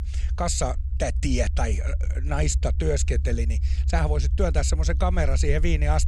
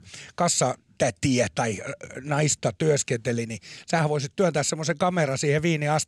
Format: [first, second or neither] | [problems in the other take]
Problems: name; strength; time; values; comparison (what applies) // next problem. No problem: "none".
second | low rumble; noticeable; throughout; 15 dB below the speech